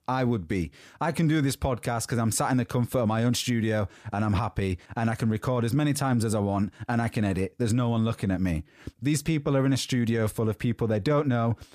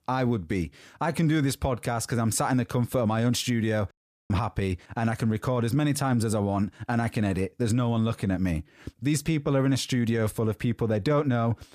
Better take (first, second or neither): first